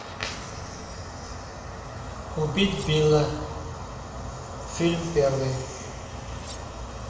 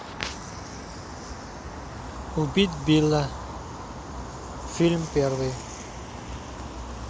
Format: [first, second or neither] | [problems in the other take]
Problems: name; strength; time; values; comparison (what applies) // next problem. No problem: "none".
second | background sound (Cutlery, silverware); 20 dB below the speech // room echo; dies away in 1 s